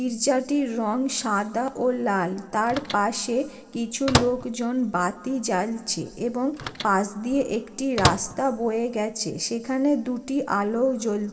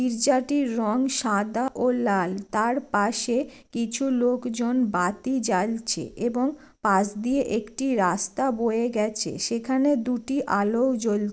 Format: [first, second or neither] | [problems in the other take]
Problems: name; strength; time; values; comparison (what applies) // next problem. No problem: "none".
second | background sound (Microwave oven); 5 dB below the speech // room echo; dies away in 1.6 s